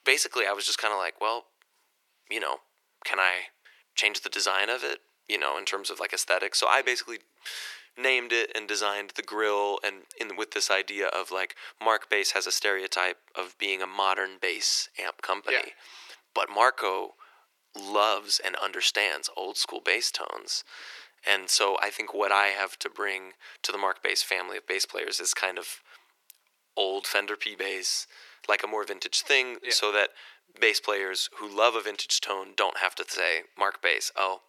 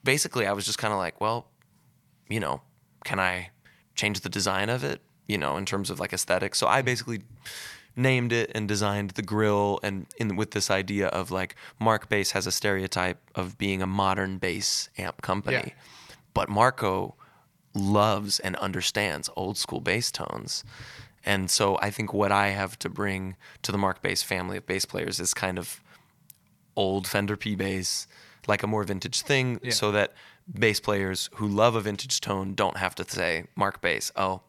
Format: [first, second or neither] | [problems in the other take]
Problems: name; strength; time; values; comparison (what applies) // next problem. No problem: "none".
second | thin; very; fading below 350 Hz